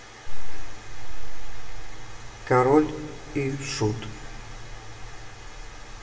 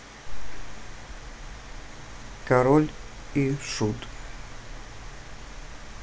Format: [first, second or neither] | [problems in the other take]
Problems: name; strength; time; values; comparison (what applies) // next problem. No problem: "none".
second | room echo; dies away in 2 s